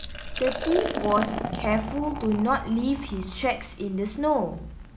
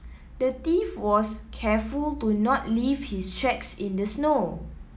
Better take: second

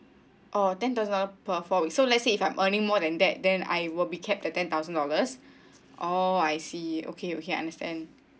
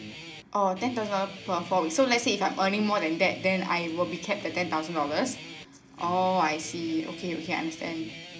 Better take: first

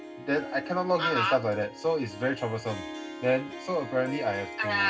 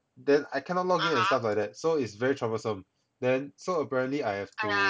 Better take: second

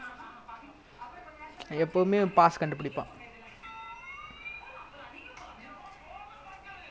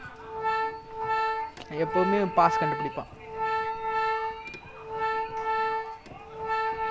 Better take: first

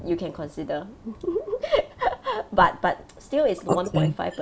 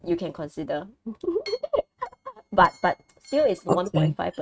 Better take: first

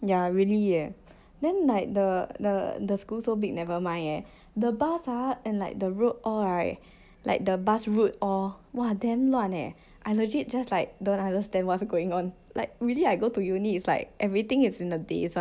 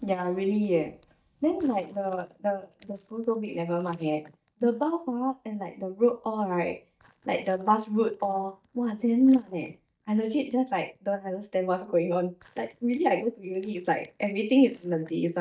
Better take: first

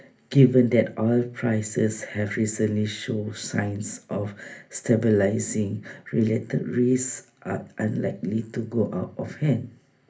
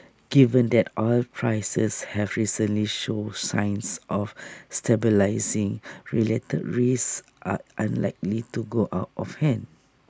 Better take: second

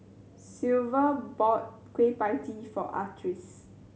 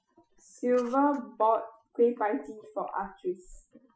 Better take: first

